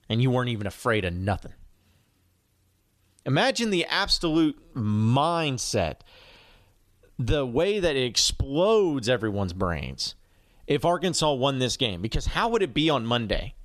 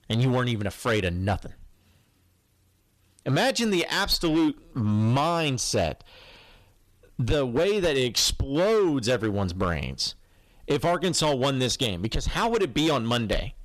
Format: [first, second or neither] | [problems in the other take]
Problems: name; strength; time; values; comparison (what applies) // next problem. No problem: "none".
first | distortion; slight; 9% of the sound clipped